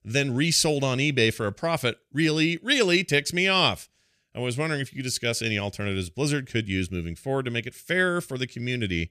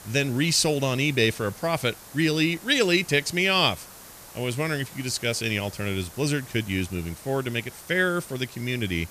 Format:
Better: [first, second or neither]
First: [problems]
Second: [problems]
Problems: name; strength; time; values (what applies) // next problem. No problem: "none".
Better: first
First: none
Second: hiss; noticeable; throughout; 20 dB below the speech